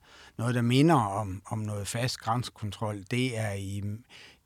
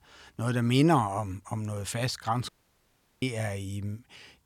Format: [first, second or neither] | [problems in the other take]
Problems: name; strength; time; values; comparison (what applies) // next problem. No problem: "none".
first | audio cutting out; at 2.5 s for 0.5 s